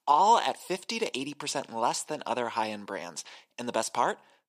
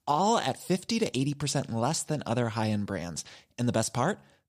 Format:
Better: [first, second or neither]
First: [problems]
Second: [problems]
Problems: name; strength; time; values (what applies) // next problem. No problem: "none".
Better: second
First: thin; somewhat; fading below 400 Hz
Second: none